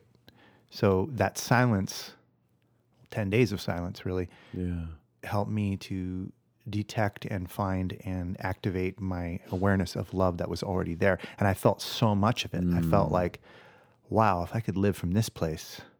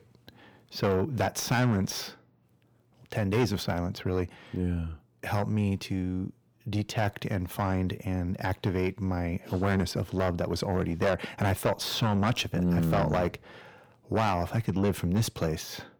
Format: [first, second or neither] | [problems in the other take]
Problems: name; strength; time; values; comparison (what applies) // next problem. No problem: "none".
first | distortion; heavy; 8 dB below the speech